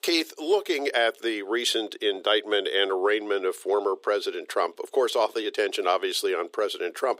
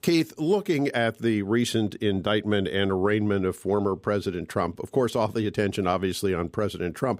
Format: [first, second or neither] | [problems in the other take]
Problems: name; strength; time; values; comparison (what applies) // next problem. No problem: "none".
second | thin; very; fading below 350 Hz